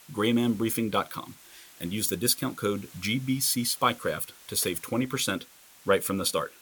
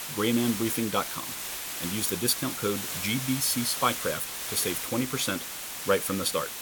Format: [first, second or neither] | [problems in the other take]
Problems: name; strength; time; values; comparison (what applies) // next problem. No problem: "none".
first | hiss; loud; throughout; 4 dB below the speech; faint in the first